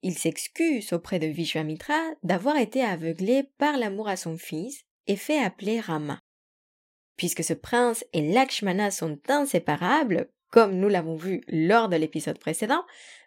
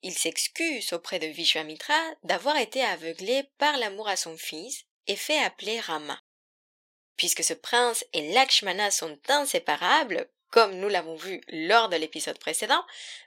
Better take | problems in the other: first | thin; somewhat; fading below 550 Hz

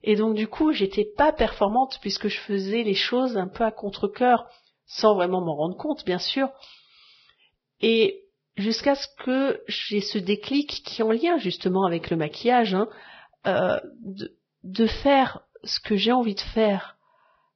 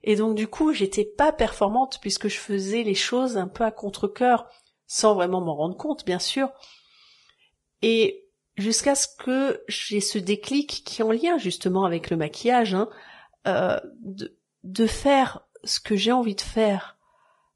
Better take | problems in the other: second | garbled, watery; badly; nothing above 5.5 kHz; slightly in the second

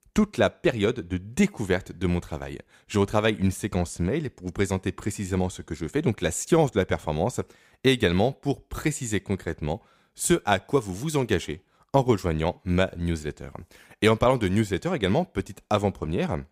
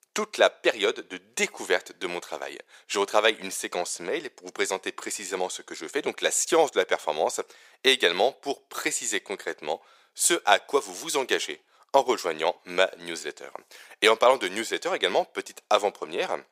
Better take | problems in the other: first | thin; very; fading below 450 Hz

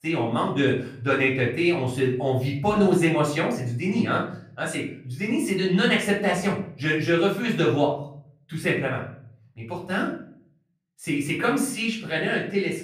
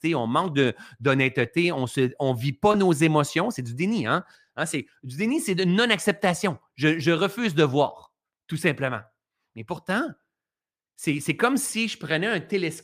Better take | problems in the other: second | off-mic speech; far // room echo; slight; dies away in 0.5 s

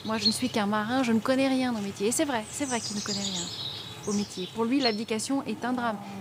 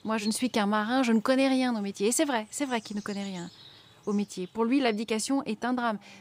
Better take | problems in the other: second | animal sounds; loud; throughout; 6 dB below the speech; faint in the second

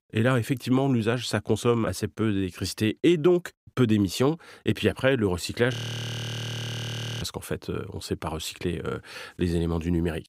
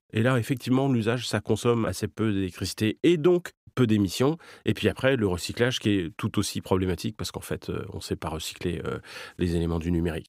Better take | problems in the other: second | audio freezing; at 5.5 s for 1.5 s

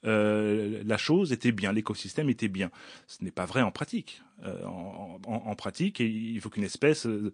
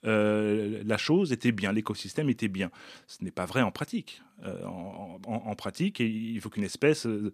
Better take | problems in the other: second | garbled, watery; slightly; nothing above 9 kHz

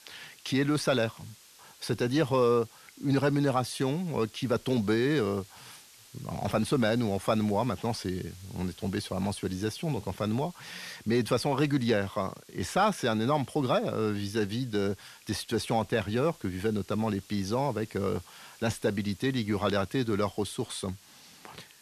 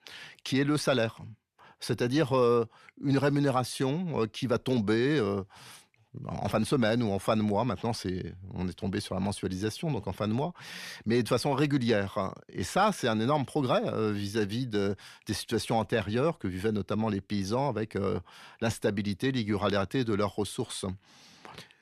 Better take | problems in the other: second | hiss; faint; throughout; 25 dB below the speech

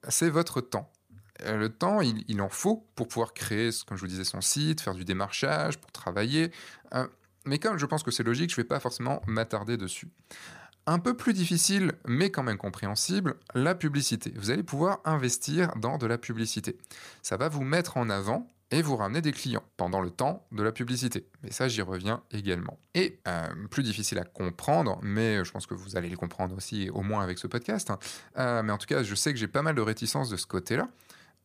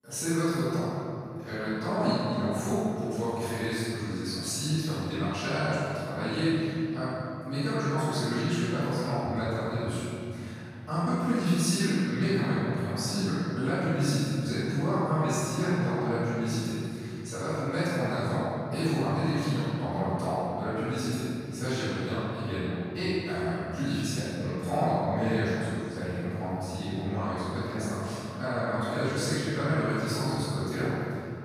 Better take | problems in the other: first | room echo; strong; dies away in 3 s // off-mic speech; far

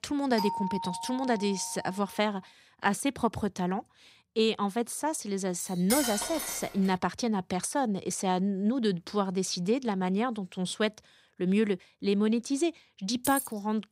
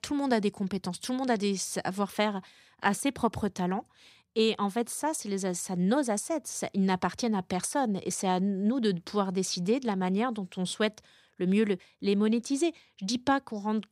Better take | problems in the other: second | doorbell; noticeable; until 2 s; peak 4 dB below the speech // clattering dishes; loud; from 5.5 to 7 s; peak level with the speech // jangling keys; noticeable; at 13 s; peak 4 dB below the speech

